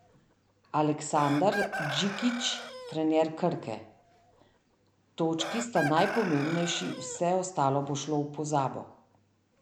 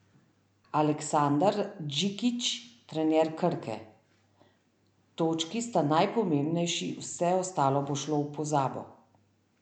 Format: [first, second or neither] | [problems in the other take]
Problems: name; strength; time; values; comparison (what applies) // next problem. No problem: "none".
second | background sound (Chicken, rooster); 10 dB below the speech